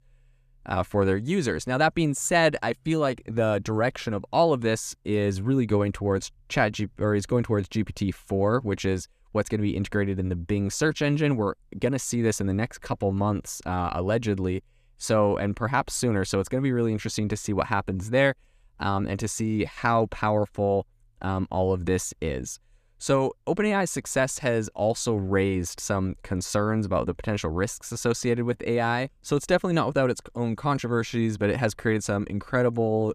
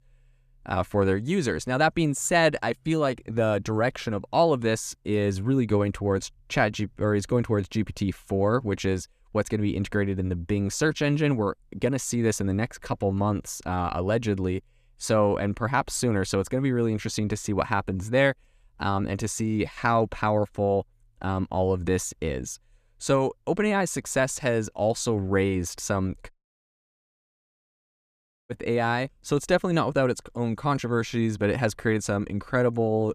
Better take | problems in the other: first | audio cutting out; at 26 s for 2 s

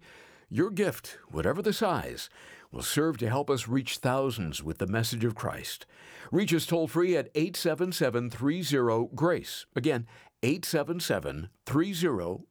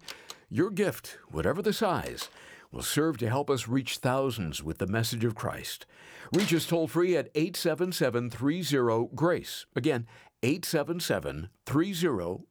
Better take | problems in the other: first | door banging; noticeable; until 6.5 s; peak 7 dB below the speech

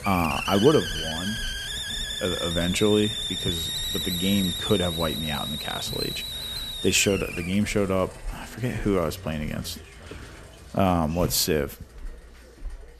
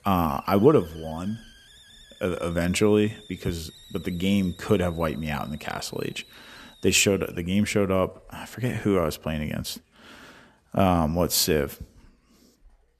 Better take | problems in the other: second | hiss; loud; throughout; 4 dB below the speech; faint in the second

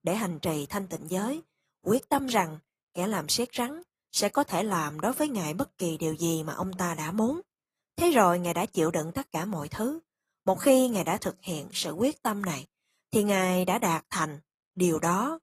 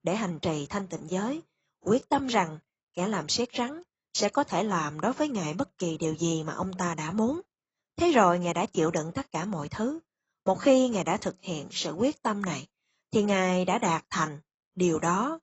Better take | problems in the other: first | garbled, watery; badly; nothing above 7.5 kHz; slightly in the first

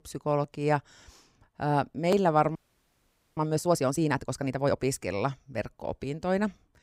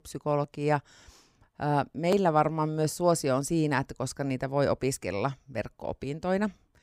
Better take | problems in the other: second | audio freezing; at 2.5 s for 1 s

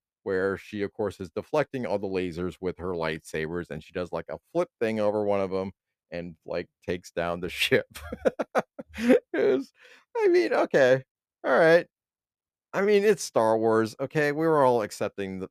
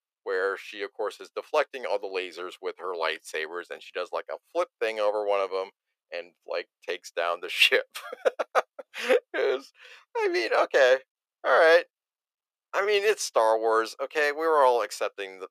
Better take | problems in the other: first | thin; very; fading below 450 Hz

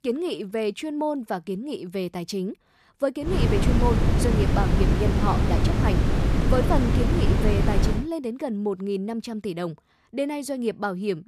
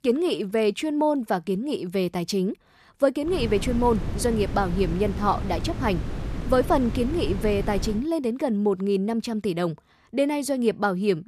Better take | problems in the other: second | wind noise on the microphone; heavy; from 3.5 to 8 s; as loud as the speech; occasional gusts in the second

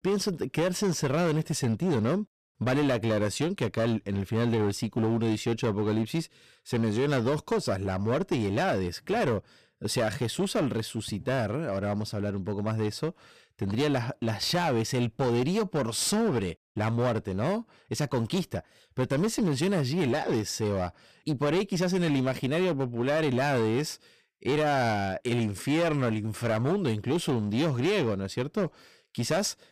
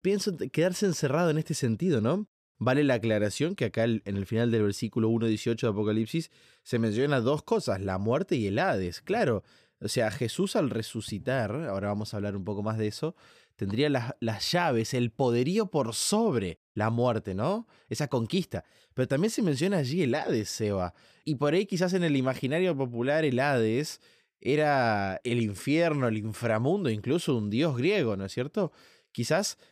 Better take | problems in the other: second | distortion; slight; 13% of the sound clipped

